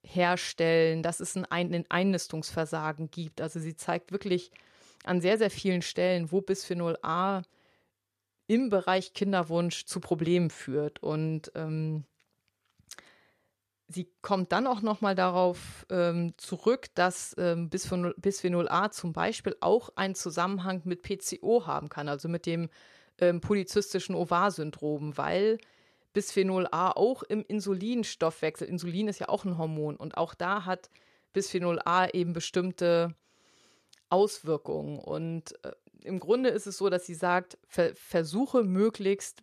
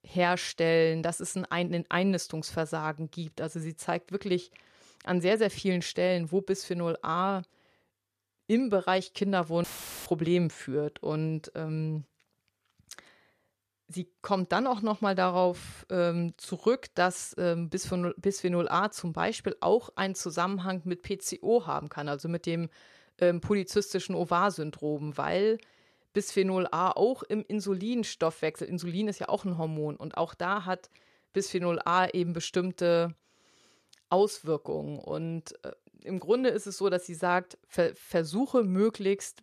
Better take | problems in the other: first | audio cutting out; filled with static; at 9.5 s

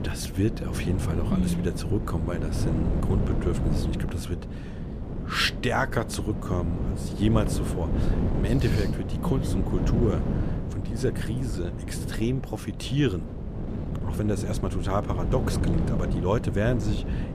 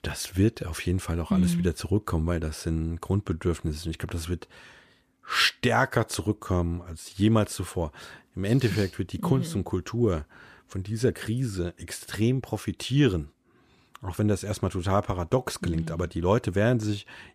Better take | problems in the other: second | wind noise on the microphone; heavy; 6 dB below the speech

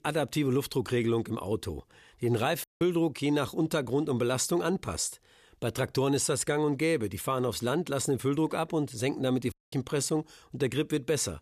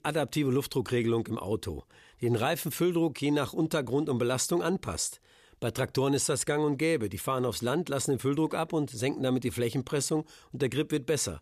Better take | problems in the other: second | audio cutting out; at 2.5 s and at 9.5 s

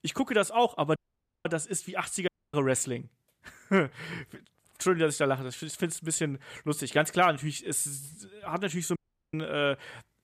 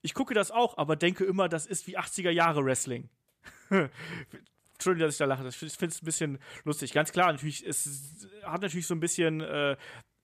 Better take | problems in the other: second | audio cutting out; at 1 s, at 2.5 s and at 9 s

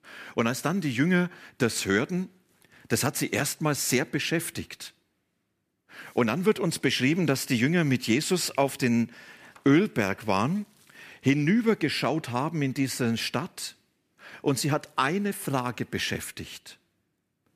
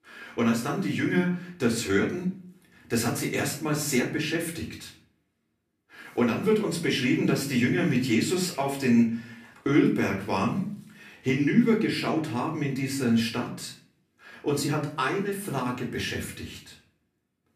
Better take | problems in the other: first | off-mic speech; far // room echo; slight; dies away in 0.4 s

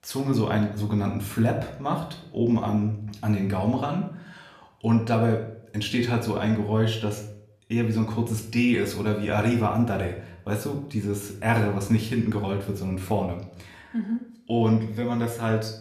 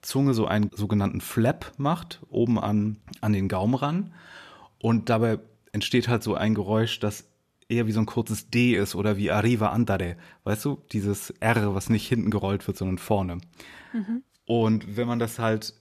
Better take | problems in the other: second | room echo; slight; dies away in 0.5 s // off-mic speech; somewhat distant

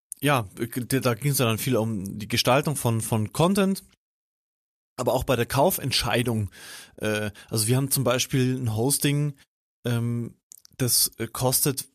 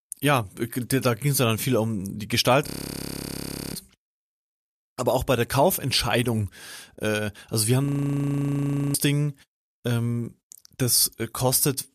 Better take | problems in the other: first | audio freezing; at 2.5 s for 1 s and at 8 s for 1 s

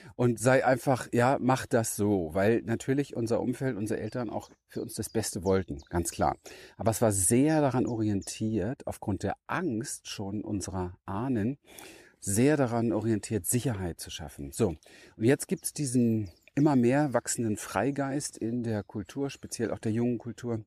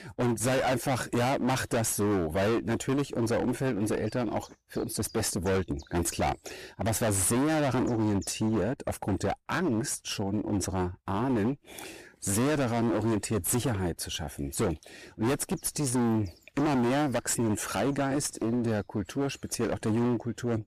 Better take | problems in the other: first | distortion; heavy; 27% of the sound clipped

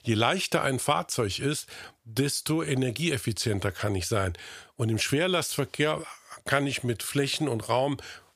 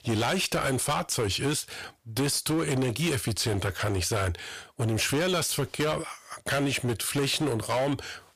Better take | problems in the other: first | distortion; heavy; 17% of the sound clipped

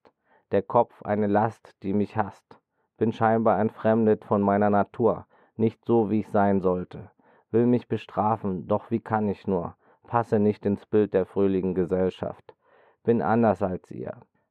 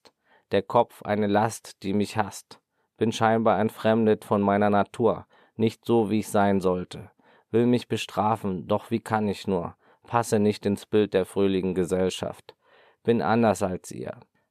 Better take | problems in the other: second | muffled; very; fading above 3.5 kHz

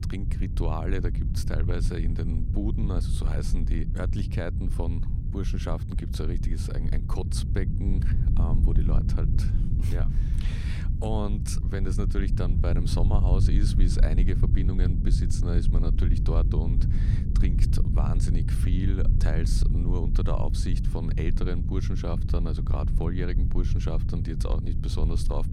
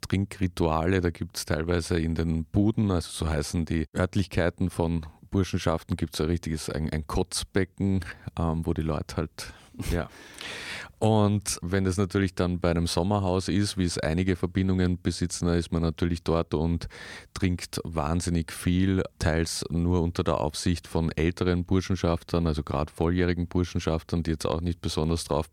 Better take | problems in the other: second | low rumble; loud; throughout; 4 dB below the speech

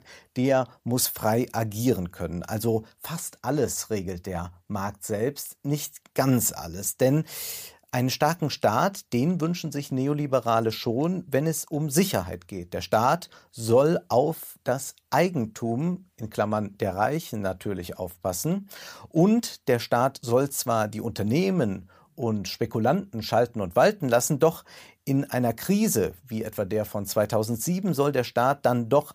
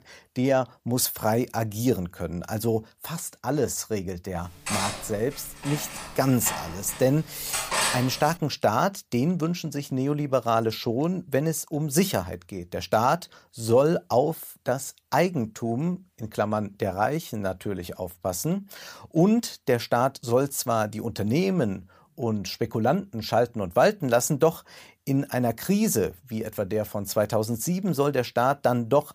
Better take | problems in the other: first | clattering dishes; loud; from 4.5 to 8.5 s; peak 2 dB above the speech

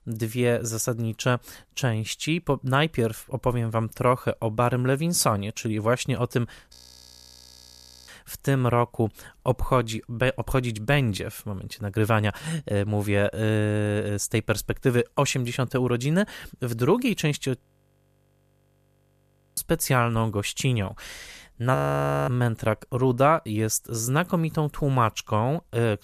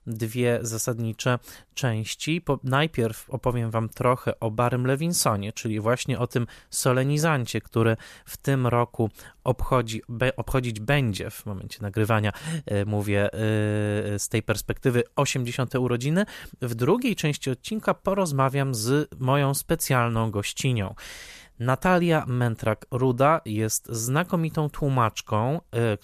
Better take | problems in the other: second | audio freezing; at 6.5 s for 1.5 s, at 18 s for 2 s and at 22 s for 0.5 s

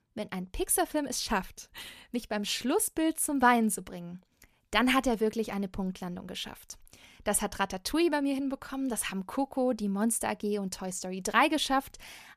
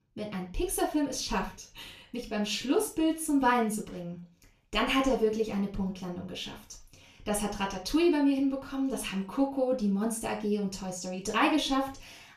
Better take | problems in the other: first | room echo; slight; dies away in 0.3 s // off-mic speech; far

